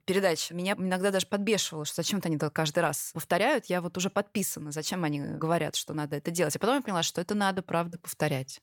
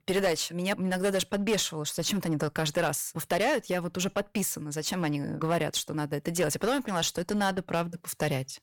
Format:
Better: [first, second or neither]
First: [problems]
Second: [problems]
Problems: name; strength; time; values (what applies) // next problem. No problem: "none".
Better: first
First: none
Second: distortion; slight; 8% of the sound clipped